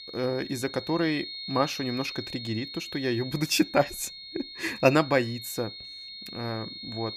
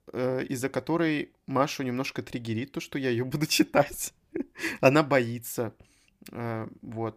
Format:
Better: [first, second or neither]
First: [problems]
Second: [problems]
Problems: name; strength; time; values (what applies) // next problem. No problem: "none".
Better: second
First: high-pitched whine; loud; throughout; 4 kHz, 10 dB below the speech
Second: none